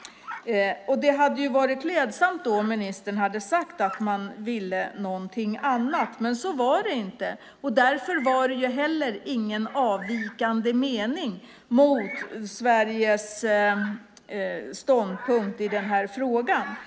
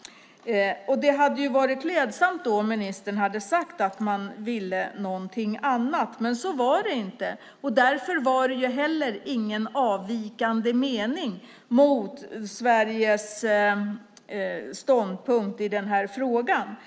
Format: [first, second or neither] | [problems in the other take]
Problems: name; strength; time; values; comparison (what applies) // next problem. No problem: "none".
second | background sound (Bird vocalization, bird call, bird song); 19 dB below the speech